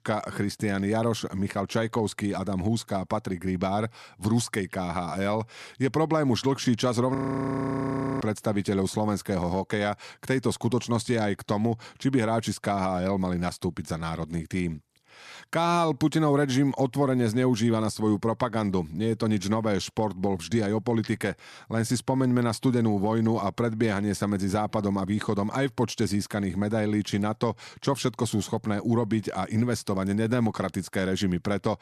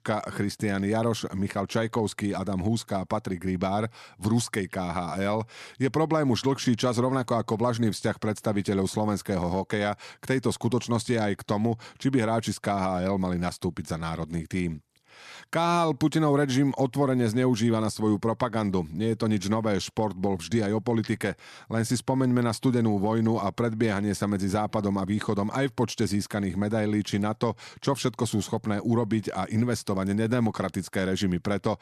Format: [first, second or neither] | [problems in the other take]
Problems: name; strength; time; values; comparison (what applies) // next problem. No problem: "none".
second | audio freezing; at 7 s for 1 s